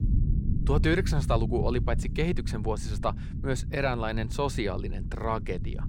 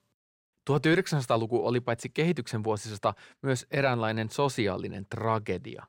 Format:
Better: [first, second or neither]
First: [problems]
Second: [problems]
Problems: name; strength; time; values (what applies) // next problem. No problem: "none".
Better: second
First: low rumble; noticeable; throughout; 15 dB below the speech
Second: none